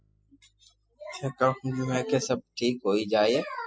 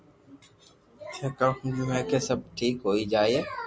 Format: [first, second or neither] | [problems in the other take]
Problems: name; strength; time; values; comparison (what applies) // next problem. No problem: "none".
second | noise reduction (classical method spectral subtraction)